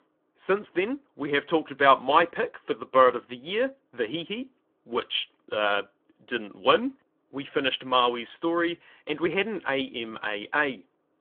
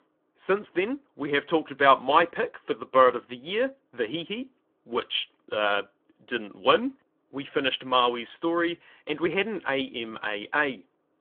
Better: neither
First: phone-call audio; nothing above 3.5 kHz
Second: phone-call audio; nothing above 3.5 kHz

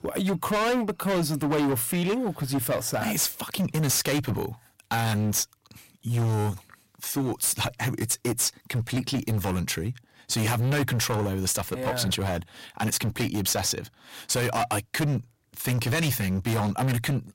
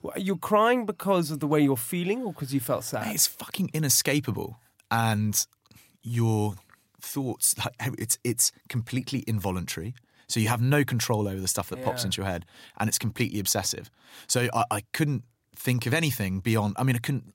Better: second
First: distortion; heavy; 19% of the sound clipped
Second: none

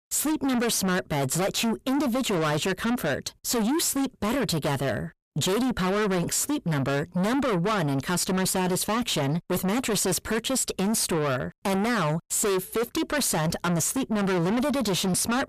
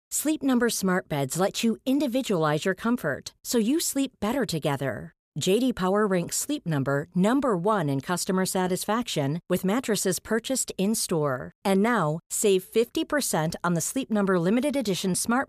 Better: second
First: distortion; heavy; 6 dB below the speech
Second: none

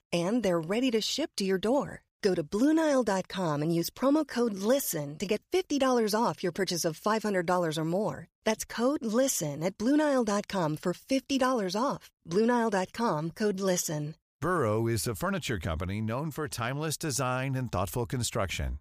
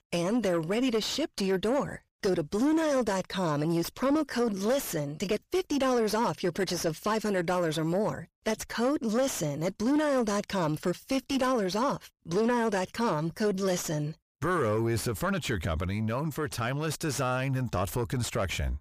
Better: first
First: none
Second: distortion; slight; 10 dB below the speech

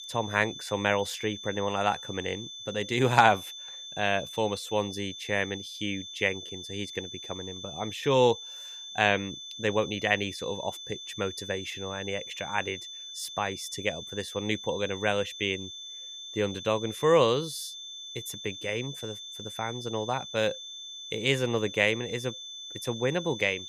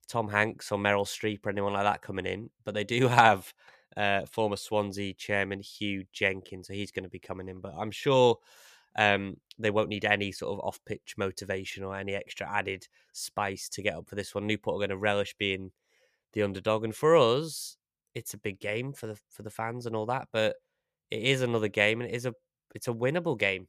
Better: second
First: high-pitched whine; loud; throughout; 3.5 kHz, 10 dB below the speech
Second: none

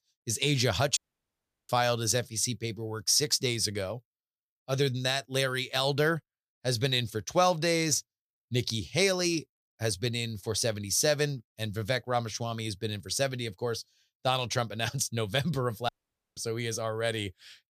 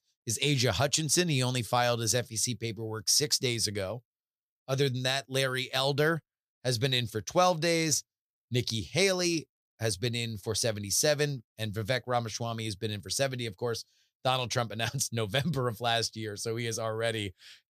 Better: second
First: audio cutting out; at 1 s for 0.5 s and at 16 s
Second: none

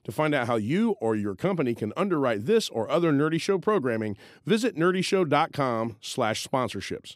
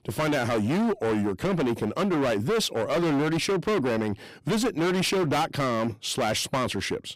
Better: first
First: none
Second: distortion; heavy; 28% of the sound clipped

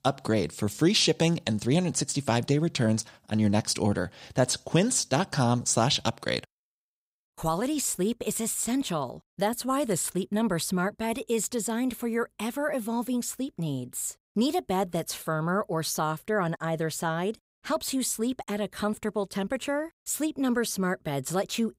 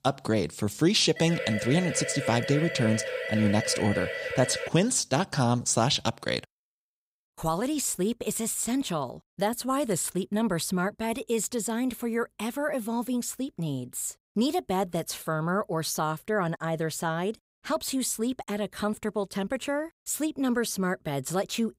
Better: first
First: none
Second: siren; noticeable; from 1 to 4.5 s; peak 4 dB below the speech

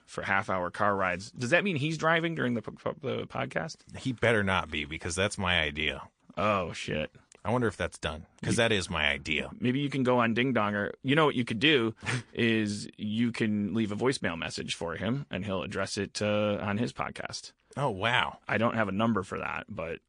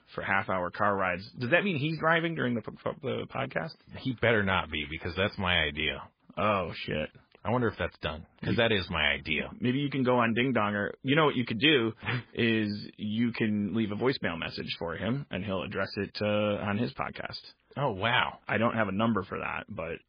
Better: first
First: garbled, watery; slightly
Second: garbled, watery; badly

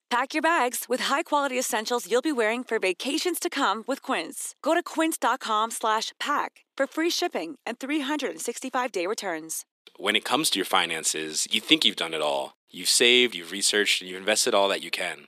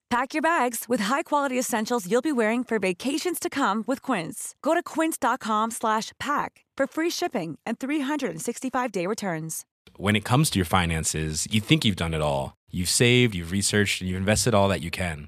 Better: second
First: thin; somewhat; fading below 300 Hz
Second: none

